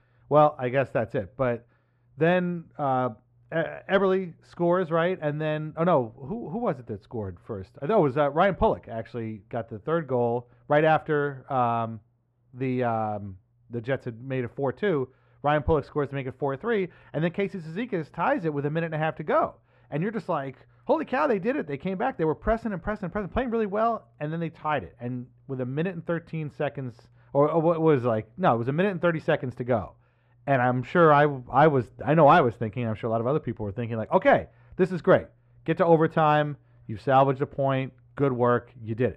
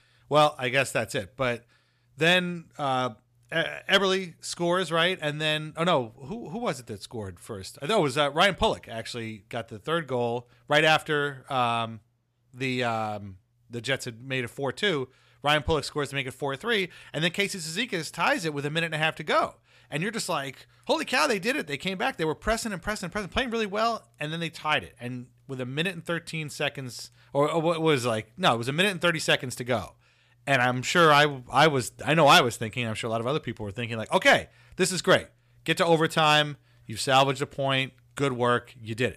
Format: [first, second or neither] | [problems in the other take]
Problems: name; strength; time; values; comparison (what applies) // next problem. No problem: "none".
second | muffled; very; fading above 3 kHz